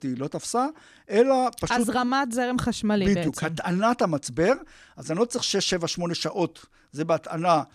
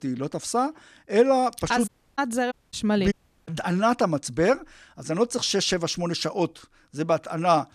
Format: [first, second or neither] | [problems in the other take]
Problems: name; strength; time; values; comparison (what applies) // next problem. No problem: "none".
first | audio cutting out; at 2 s, at 2.5 s and at 3 s